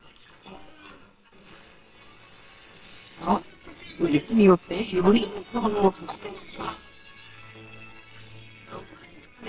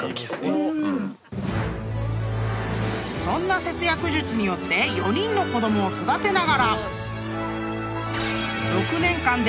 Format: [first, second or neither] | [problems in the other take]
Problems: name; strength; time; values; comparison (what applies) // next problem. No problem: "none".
second | noise reduction (neural separator model SepFormer WHAMR!)